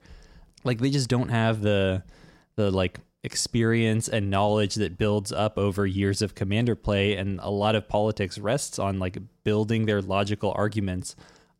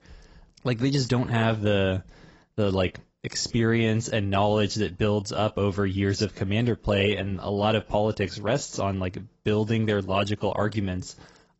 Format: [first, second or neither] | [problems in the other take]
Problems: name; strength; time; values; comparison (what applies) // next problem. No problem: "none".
first | garbled, watery; badly; nothing above 7.5 kHz